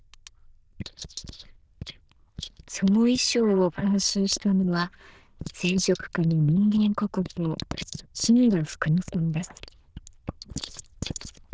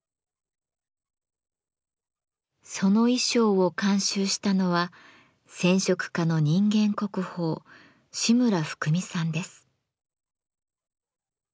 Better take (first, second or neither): second